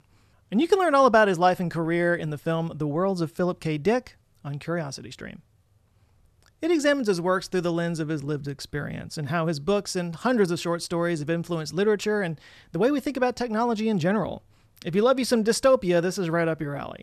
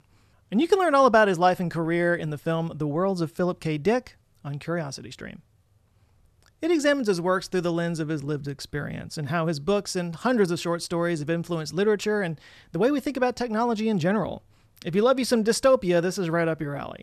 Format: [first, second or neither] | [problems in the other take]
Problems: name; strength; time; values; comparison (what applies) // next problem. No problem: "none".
neither | none